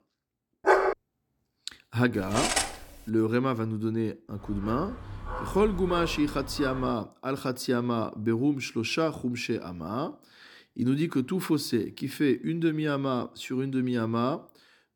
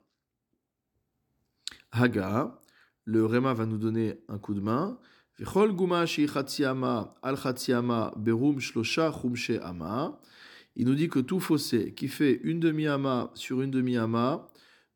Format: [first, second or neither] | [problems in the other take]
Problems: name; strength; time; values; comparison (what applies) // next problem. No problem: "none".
second | dog barking; loud; at 0.5 s; peak 6 dB above the speech // clattering dishes; loud; at 2 s; peak 3 dB above the speech // dog barking; noticeable; from 4.5 to 7 s; peak 8 dB below the speech